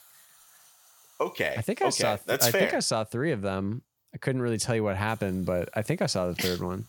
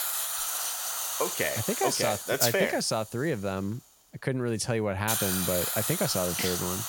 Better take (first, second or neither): first